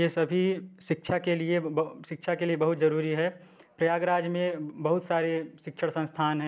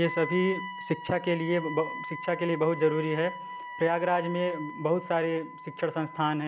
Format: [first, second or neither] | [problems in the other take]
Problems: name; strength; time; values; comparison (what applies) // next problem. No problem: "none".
first | background sound (Wind instrument, woodwind instrument); 11 dB below the speech